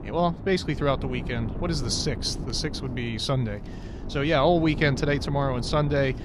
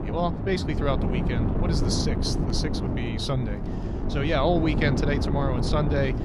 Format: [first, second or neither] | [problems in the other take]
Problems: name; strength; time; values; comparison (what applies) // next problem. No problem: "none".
first | wind noise on the microphone; heavy; 5 dB below the speech; occasional gusts in the first